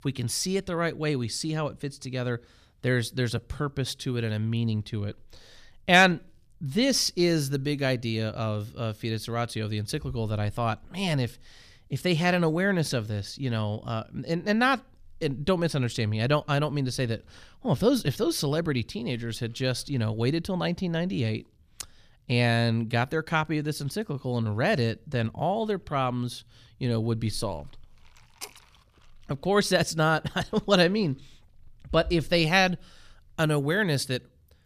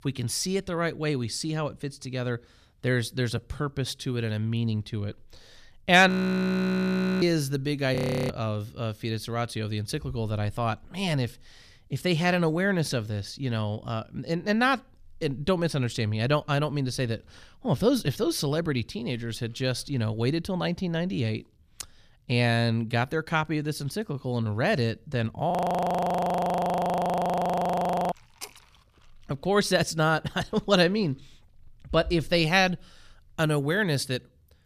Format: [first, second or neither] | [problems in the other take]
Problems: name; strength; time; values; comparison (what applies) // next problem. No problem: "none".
first | audio freezing; at 6 s for 1 s, at 8 s and at 26 s for 2.5 s